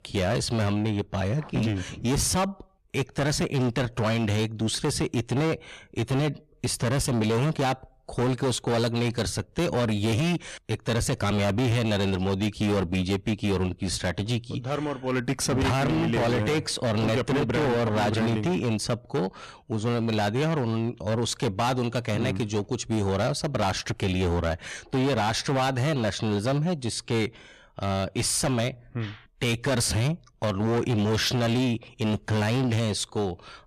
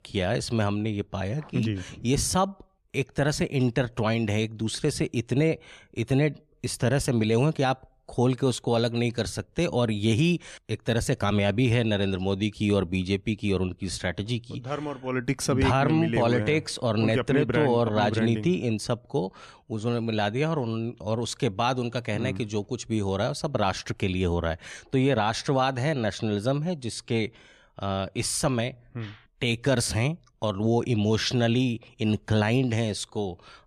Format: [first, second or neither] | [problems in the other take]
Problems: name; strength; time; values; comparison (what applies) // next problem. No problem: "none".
second | distortion; heavy; 21% of the sound clipped